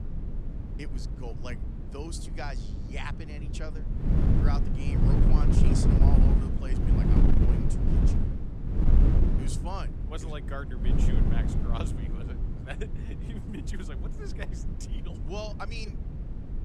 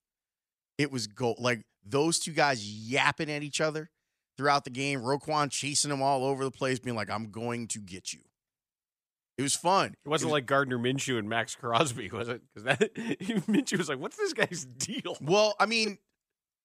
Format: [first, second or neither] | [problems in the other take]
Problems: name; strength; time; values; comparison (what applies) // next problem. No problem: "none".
second | wind noise on the microphone; heavy; 2 dB above the speech